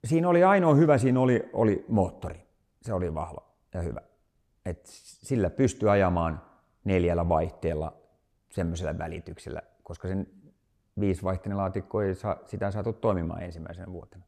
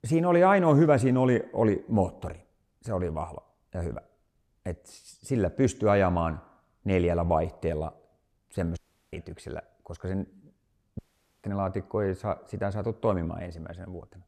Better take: first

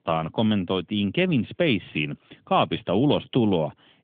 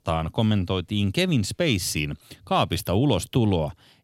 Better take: second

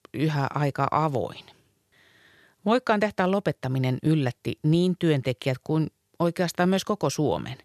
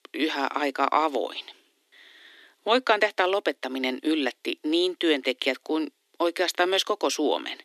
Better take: first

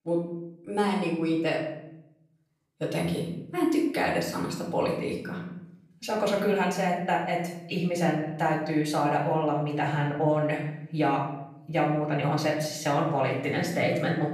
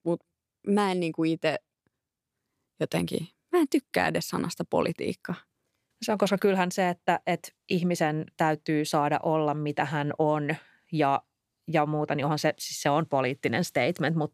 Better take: second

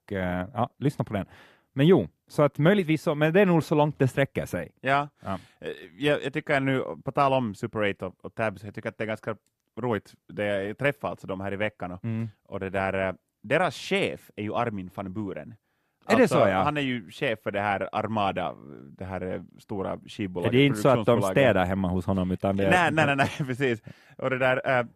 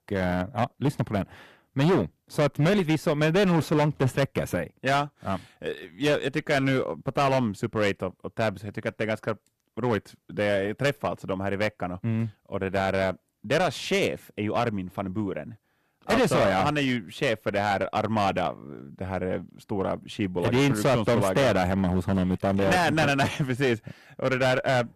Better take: first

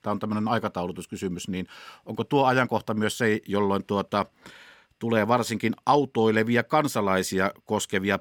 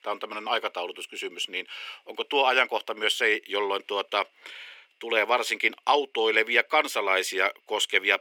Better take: first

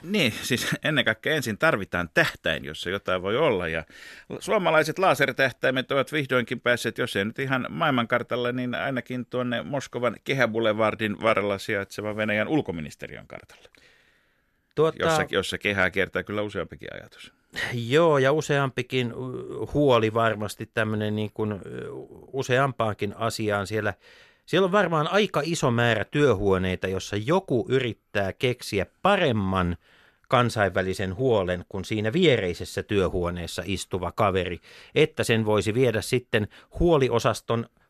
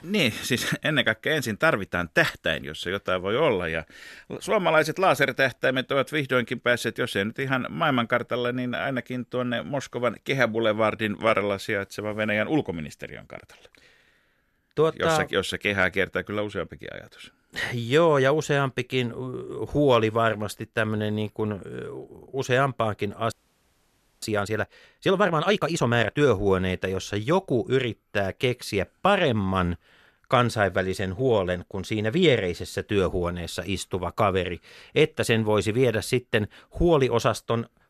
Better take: first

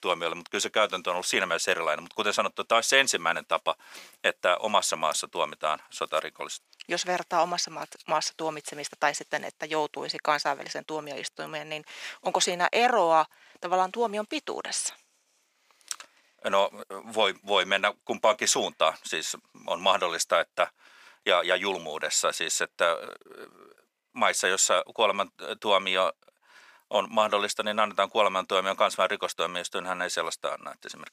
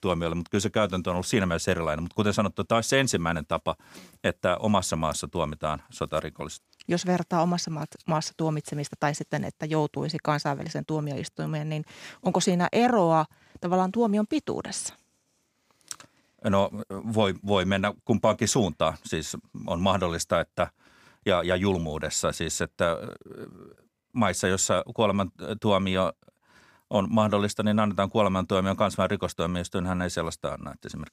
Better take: second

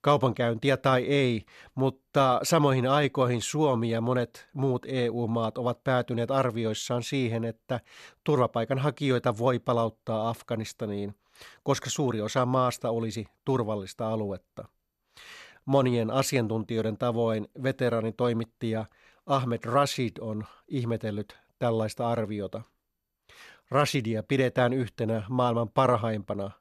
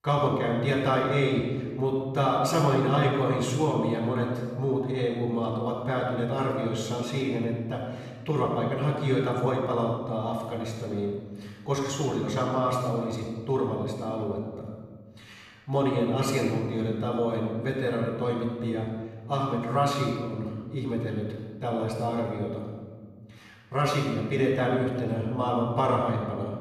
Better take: first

